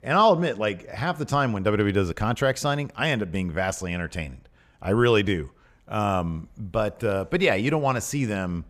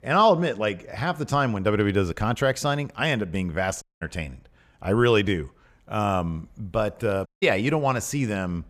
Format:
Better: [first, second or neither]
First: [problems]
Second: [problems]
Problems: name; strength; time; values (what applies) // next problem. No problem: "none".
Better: first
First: none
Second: audio cutting out; at 4 s and at 7.5 s